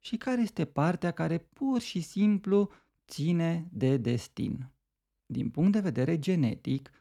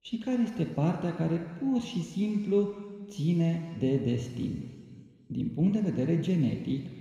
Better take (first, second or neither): first